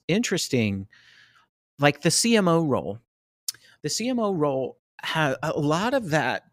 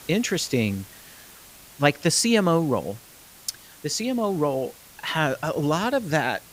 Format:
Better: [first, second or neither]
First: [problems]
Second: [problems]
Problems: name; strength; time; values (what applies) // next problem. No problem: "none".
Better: first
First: none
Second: hiss; faint; throughout; 20 dB below the speech